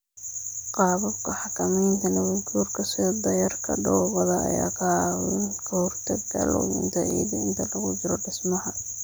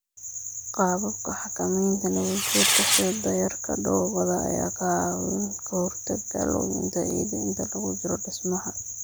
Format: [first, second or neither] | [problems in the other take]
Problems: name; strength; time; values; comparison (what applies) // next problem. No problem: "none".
first | background sound (Fireworks); 2 dB above the speech